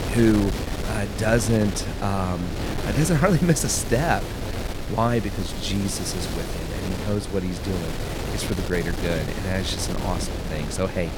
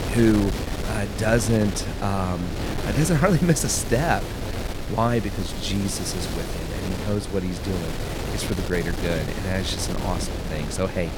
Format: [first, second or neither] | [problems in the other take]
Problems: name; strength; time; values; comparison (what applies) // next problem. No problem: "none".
neither | wind noise on the microphone; heavy; 6 dB below the speech; the same in both